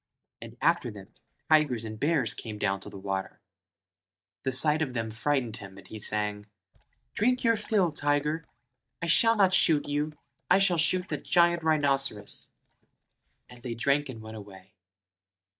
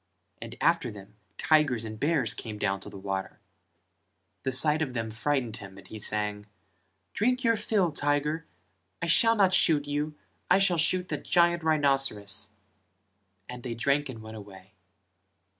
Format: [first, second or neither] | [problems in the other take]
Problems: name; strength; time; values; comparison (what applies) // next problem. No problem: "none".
second | noise reduction (neural mask model DeepFilterNet 3)